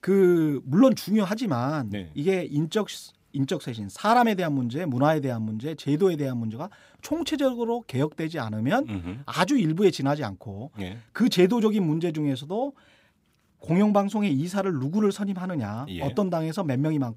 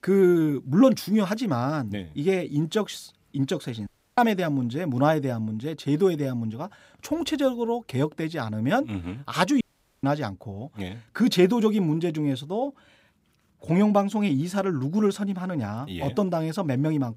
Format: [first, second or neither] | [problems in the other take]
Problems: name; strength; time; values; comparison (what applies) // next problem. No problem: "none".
first | audio cutting out; at 4 s and at 9.5 s